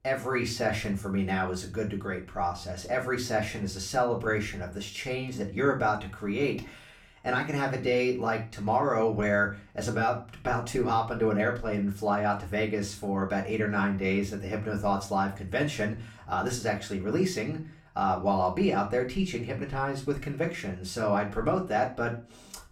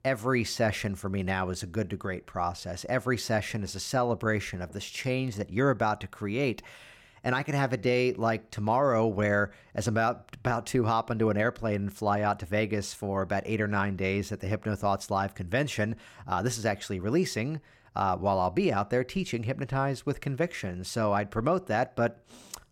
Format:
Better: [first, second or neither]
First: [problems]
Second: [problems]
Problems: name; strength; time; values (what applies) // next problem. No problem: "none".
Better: second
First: off-mic speech; far // room echo; very slight; dies away in 0.3 s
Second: none